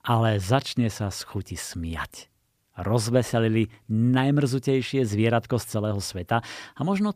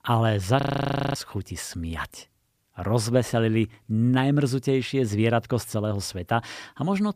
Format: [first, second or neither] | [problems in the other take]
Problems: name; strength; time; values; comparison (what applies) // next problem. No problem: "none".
first | audio freezing; at 0.5 s for 0.5 s